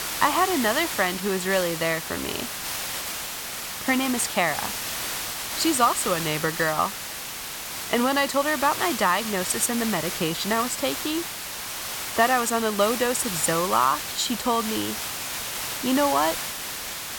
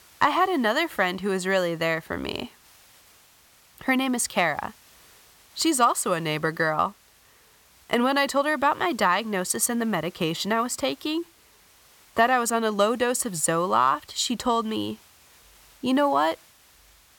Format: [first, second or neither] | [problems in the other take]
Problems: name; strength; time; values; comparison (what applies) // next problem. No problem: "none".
second | hiss; loud; throughout; 5 dB below the speech; faint in the second